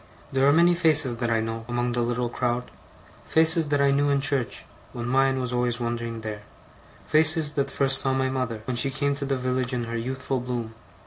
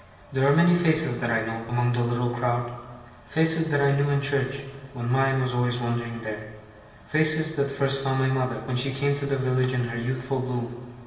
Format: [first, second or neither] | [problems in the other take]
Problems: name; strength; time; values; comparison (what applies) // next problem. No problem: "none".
first | room echo; dies away in 1.4 s